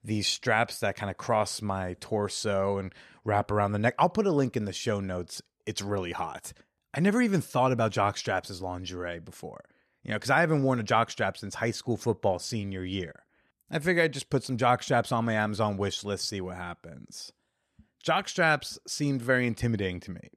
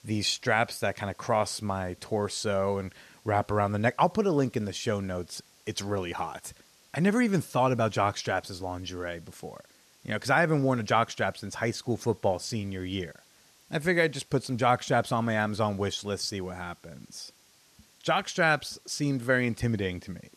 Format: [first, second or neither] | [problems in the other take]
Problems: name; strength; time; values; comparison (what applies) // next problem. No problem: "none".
first | hiss; faint; throughout; 30 dB below the speech